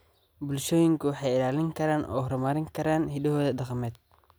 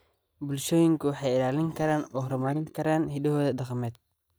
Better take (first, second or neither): first